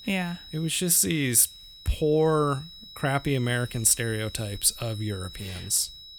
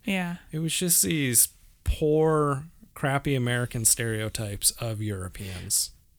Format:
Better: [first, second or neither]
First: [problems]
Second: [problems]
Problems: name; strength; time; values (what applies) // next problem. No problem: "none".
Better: second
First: high-pitched whine; noticeable; throughout; 4 kHz, 20 dB below the speech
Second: none